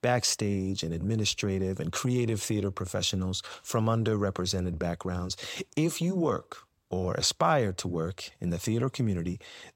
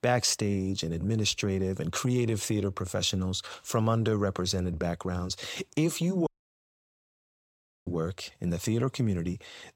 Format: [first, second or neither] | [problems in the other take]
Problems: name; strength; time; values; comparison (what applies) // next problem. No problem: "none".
first | audio cutting out; at 6.5 s for 1.5 s